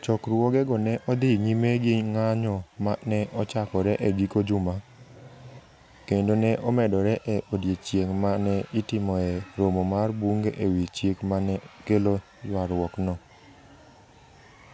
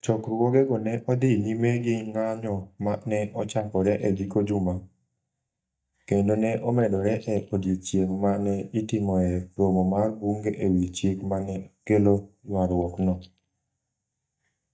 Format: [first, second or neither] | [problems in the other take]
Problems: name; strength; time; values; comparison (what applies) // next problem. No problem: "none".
first | noise reduction (neural mask model DeepFilterNet 3)